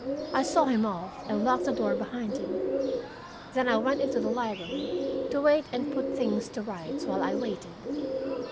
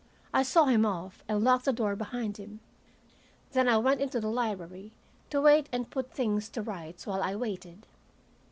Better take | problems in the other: second | background sound (Bird); 2 dB below the speech

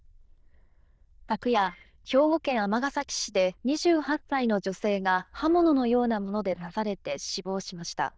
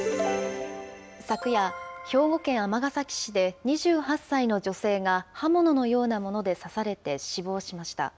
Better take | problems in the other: second | noise reduction (neural diffusion model UNIVERSE++)

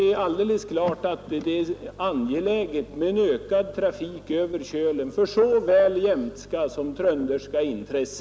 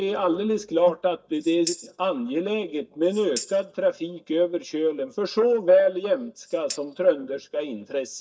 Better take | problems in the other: first | noise reduction (neural mask model DeepFilterNet 3)

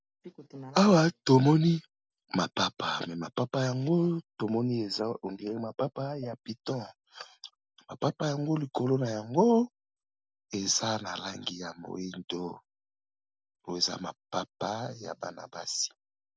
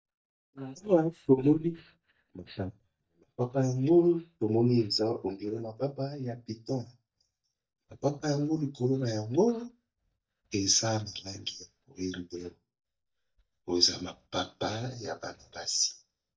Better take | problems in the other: first | noise reduction (neural mask model DeepFilterNet 3)

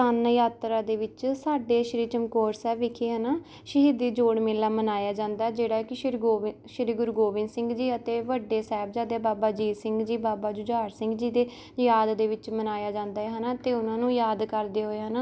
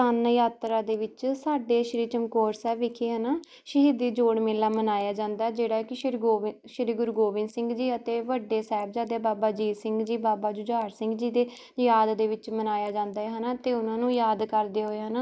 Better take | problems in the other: first | noise reduction (neural mask model Resemble Enhance denoiser)

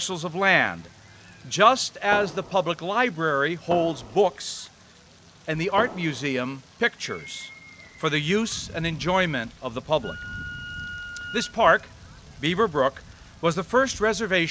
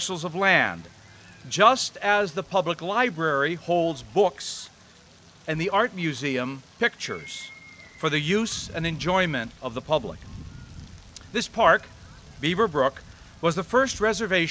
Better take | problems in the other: second | background sound (Fireworks + Wind instrument, woodwind instrument); 12 dB below the speech

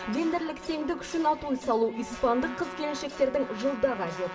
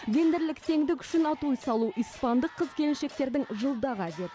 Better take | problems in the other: second | background sound (Trumpet); 14 dB below the speech // room echo; dies away in 0.6 s

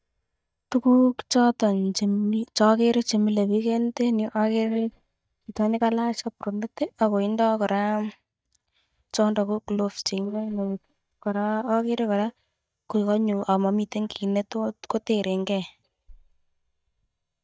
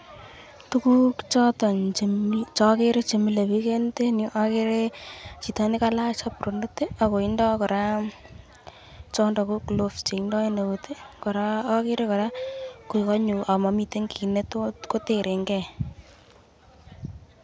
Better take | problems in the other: second | noise reduction (neural mask model DeepFilterNet 3)

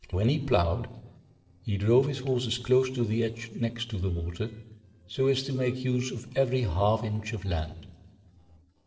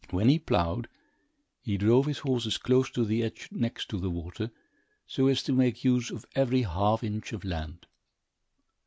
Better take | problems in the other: second | noise reduction (neural separator model SepFormer DNS4)

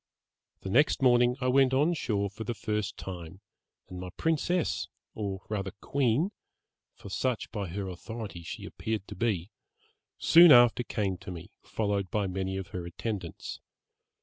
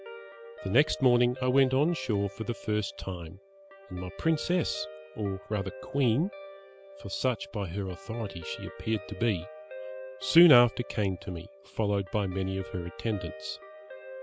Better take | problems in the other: first | background sound (Guitar); 15 dB below the speech

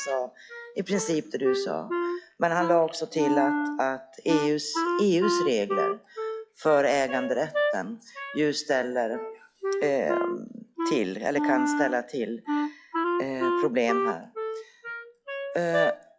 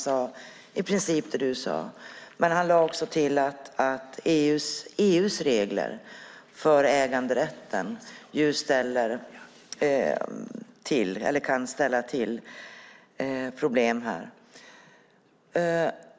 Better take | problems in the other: second | noise reduction (classical method log-MMSE)

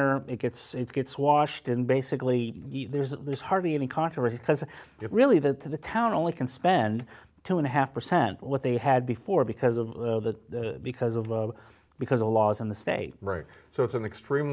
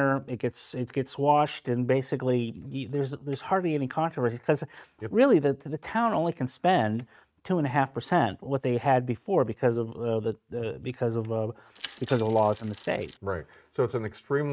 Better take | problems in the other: first | noise reduction (neural mask model RNNoise)

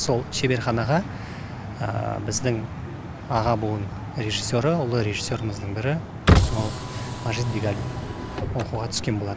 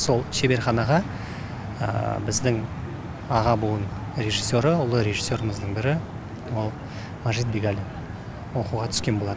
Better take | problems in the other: second | background sound (Car); 1 dB above the speech

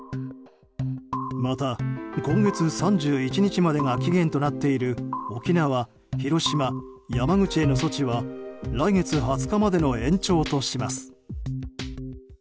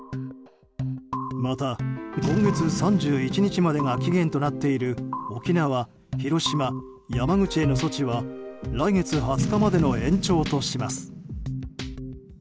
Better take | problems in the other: first | background sound (Boom); 10 dB below the speech

